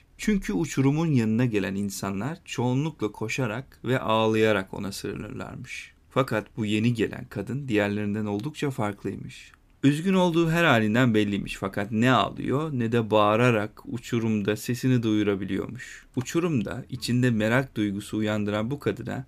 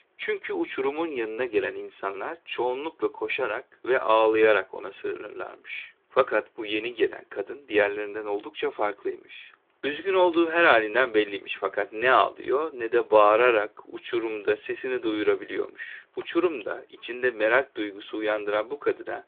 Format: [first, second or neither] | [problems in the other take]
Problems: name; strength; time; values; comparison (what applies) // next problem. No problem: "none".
first | phone-call audio; nothing above 3.5 kHz